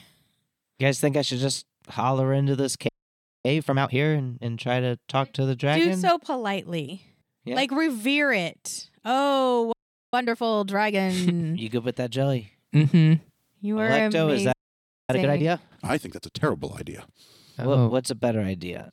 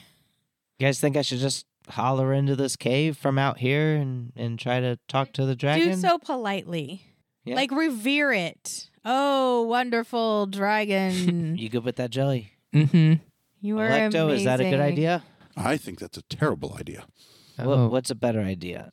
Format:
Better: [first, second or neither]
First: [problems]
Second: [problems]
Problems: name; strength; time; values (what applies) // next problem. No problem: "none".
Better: second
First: audio freezing; at 3 s for 0.5 s, at 9.5 s and at 15 s for 0.5 s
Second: none